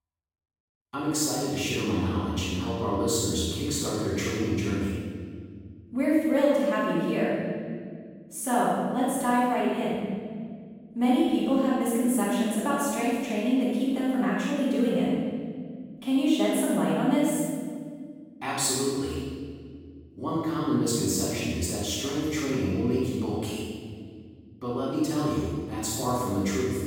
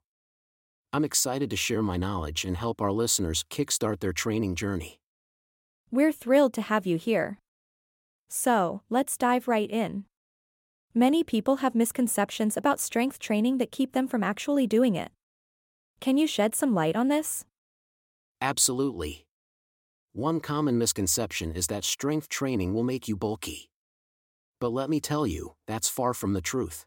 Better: second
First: room echo; strong; dies away in 2 s // off-mic speech; far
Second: none

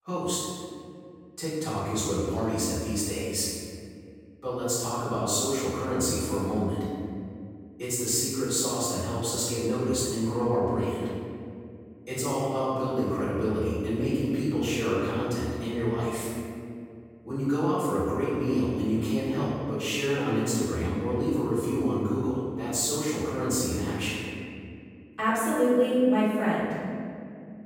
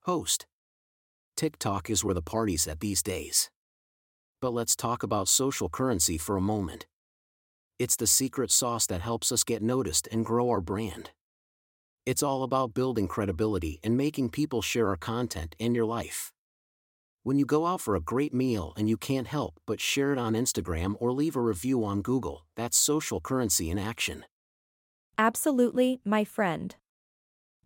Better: second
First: off-mic speech; far // room echo; strong; dies away in 2.2 s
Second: none

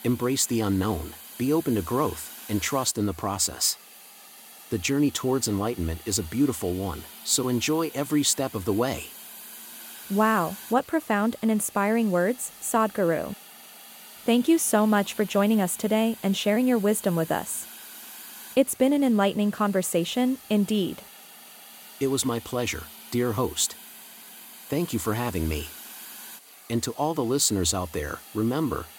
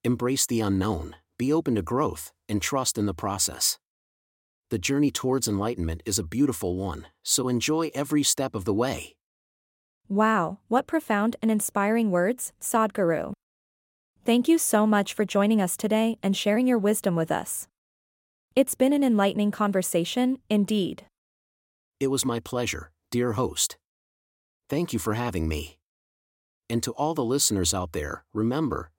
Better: second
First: hiss; noticeable; throughout; 15 dB below the speech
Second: none

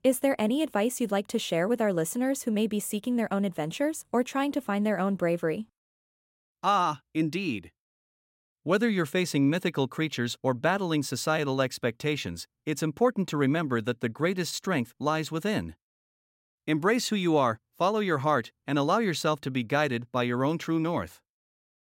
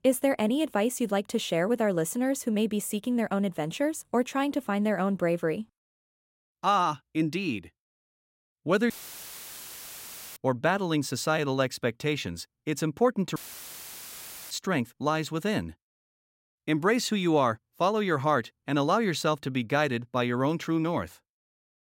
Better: first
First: none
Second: audio cutting out; filled with static; at 9 s for 1.5 s and at 13 s for 1 s

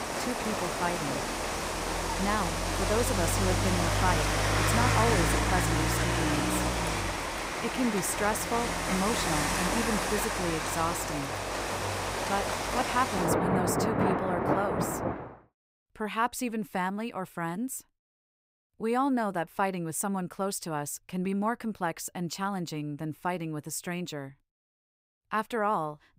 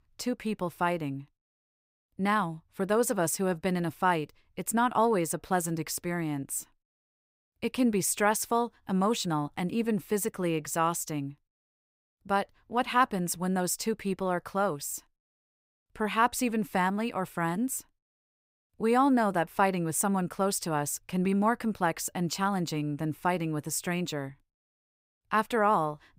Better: second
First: rain or running water; very loud; until 15 s; 3 dB above the speech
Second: none

